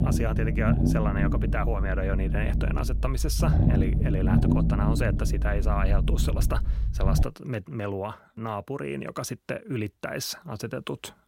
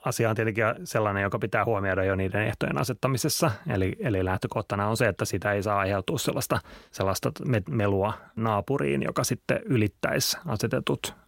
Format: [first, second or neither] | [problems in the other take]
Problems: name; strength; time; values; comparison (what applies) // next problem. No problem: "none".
second | low rumble; loud; until 7 s; 3 dB below the speech